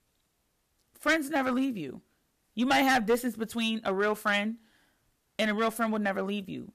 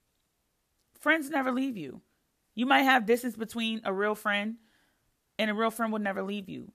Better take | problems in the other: second | distortion; slight; 4% of the sound clipped

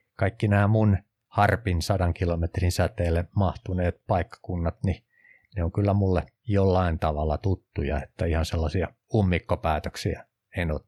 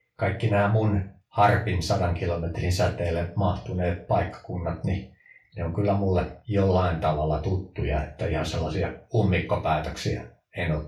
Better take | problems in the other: first | room echo; slight; dies away in 0.3 s // off-mic speech; far

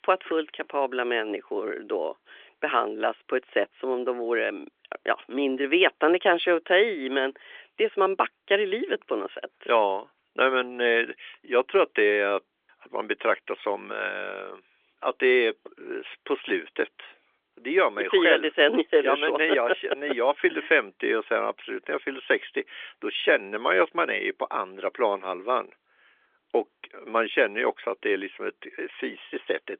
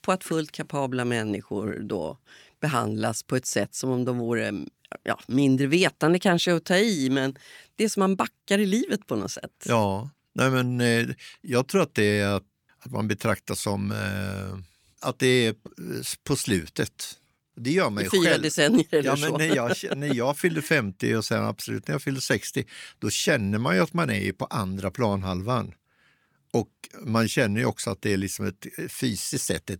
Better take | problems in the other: second | phone-call audio; nothing above 3.5 kHz

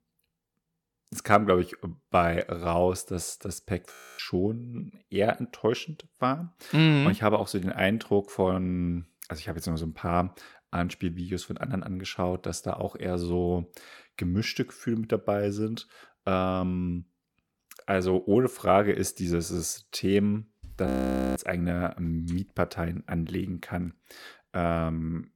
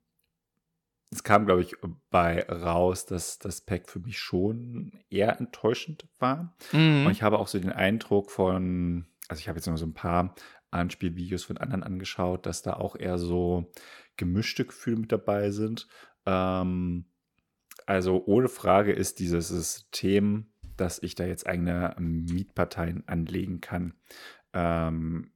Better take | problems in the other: second | audio freezing; at 4 s and at 21 s

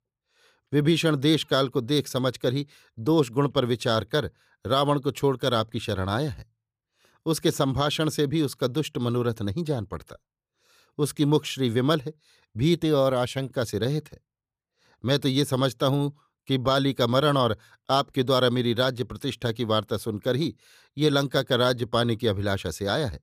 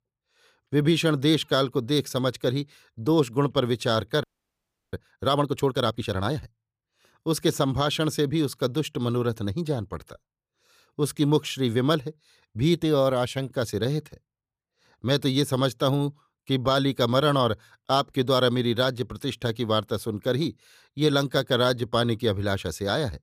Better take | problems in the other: first | audio freezing; at 4 s for 0.5 s

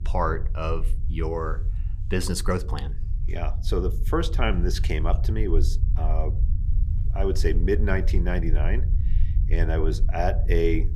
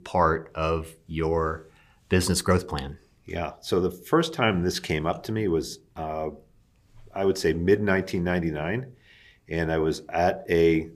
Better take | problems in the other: second | low rumble; noticeable; throughout; 15 dB below the speech

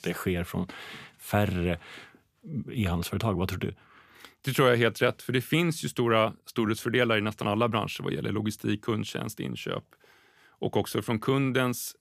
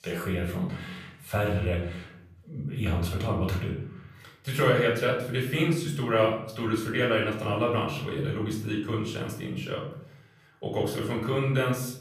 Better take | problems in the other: first | off-mic speech; far // room echo; noticeable; dies away in 0.6 s

